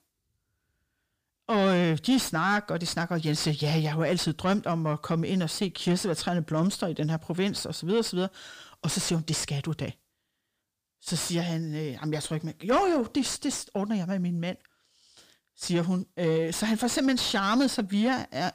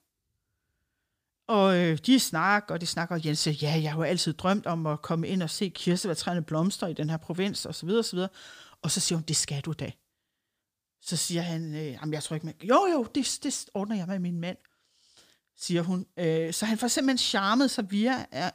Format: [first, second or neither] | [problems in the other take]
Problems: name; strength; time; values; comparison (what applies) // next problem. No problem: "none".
second | distortion; slight; 10 dB below the speech